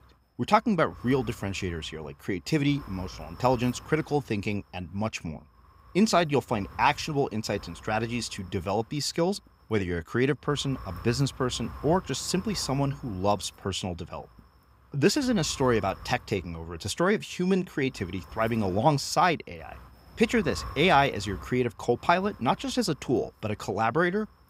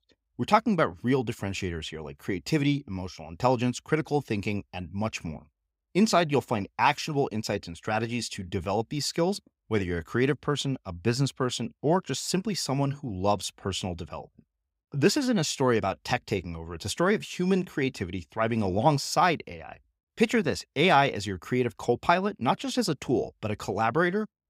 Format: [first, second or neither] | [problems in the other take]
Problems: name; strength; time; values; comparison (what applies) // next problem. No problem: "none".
second | wind noise on the microphone; occasional gusts; 20 dB below the speech